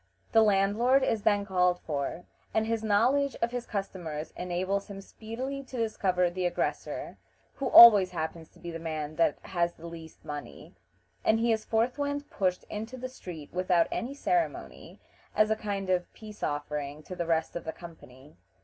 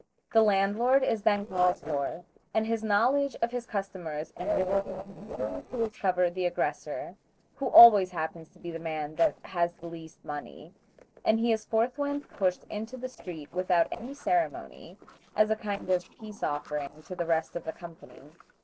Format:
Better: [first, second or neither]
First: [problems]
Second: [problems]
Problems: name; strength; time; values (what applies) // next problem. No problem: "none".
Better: first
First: none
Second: noise reduction (neural separator model SepFormer DNS4)